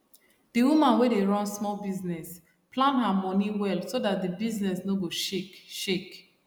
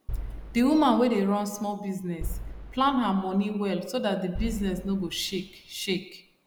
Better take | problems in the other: first | background sound (Boom); 11 dB below the speech

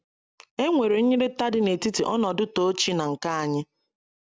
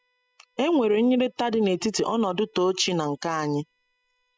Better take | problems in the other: first | noise reduction (classical method spectral subtraction)

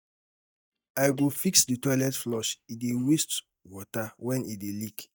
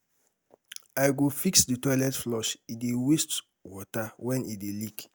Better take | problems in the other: second | noise reduction (neural mask model DeepFilterNet 3)

